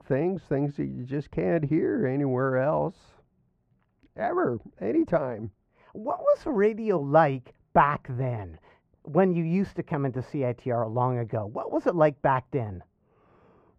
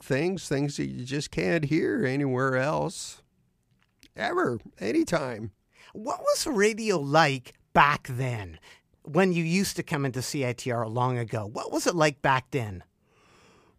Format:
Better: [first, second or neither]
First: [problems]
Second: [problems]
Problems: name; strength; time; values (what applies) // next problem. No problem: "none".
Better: second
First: muffled; very; fading above 3 kHz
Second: none